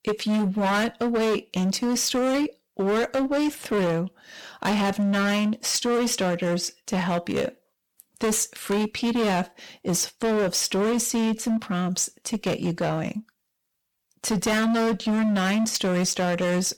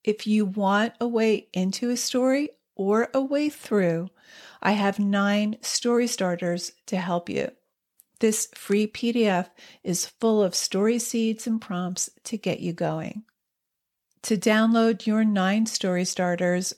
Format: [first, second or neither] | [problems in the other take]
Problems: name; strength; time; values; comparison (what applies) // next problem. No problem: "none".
second | distortion; heavy; 23% of the sound clipped